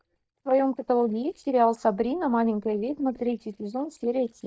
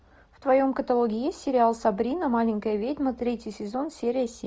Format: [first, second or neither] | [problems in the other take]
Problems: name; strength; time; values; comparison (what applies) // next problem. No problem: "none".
second | noise reduction (neural mask model DeepFilterNet 3)